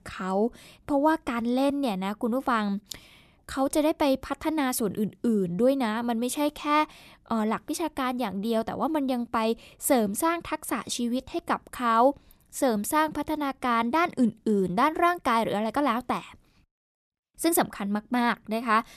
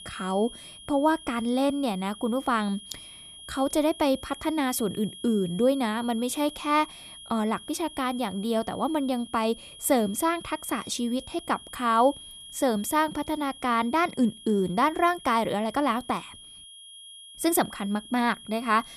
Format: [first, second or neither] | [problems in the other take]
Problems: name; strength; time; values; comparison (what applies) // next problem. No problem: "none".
first | high-pitched whine; noticeable; throughout; 3.5 kHz, 15 dB below the speech